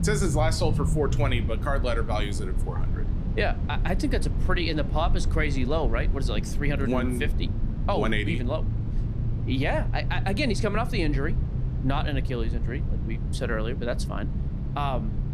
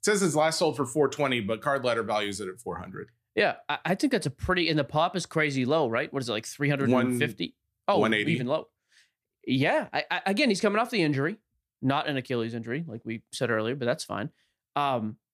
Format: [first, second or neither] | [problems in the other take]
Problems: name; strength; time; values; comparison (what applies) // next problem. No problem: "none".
second | low rumble; noticeable; throughout; 10 dB below the speech